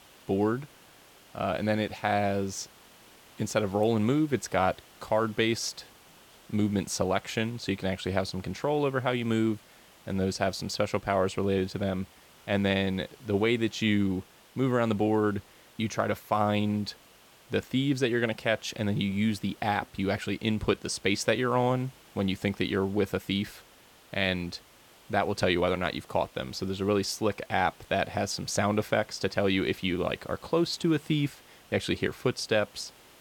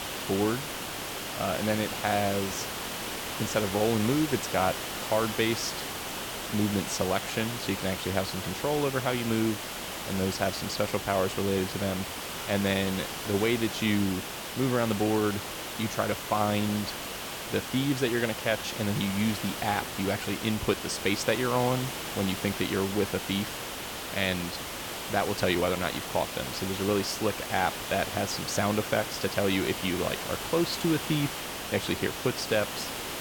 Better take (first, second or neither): first